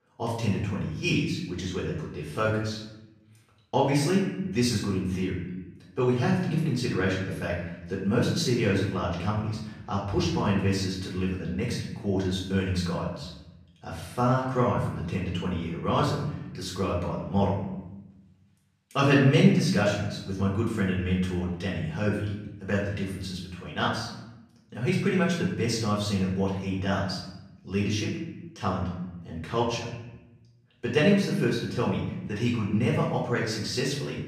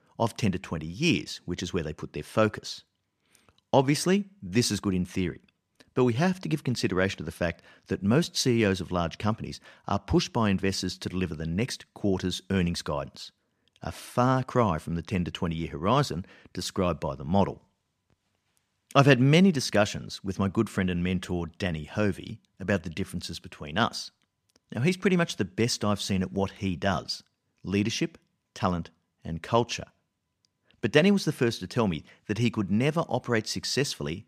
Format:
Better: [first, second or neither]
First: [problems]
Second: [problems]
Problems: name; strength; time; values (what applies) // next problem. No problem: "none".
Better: second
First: off-mic speech; far // room echo; noticeable; dies away in 0.9 s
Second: none